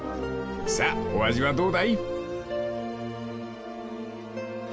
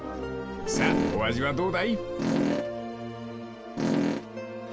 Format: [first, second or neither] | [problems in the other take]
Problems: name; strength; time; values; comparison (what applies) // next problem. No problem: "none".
first | background sound (Fart); 4 dB above the speech